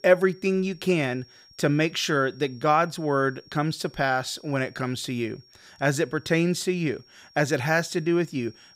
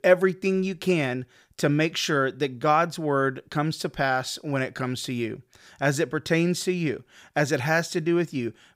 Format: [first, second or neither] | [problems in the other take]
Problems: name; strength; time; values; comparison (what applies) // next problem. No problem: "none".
second | high-pitched whine; faint; throughout; 5.5 kHz, 25 dB below the speech